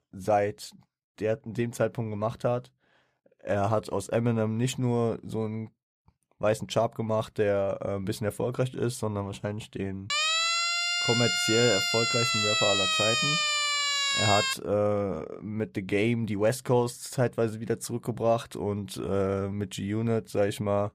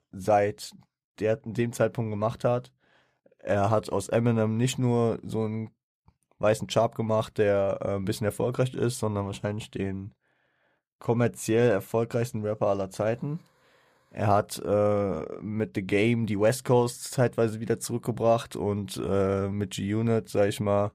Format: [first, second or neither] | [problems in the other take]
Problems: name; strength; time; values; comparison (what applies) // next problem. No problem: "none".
second | siren; loud; from 10 to 15 s; peak 6 dB above the speech